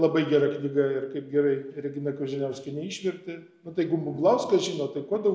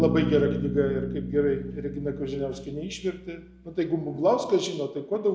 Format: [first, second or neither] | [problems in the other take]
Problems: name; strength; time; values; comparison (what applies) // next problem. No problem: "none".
first | background sound (Bass guitar); 7 dB below the speech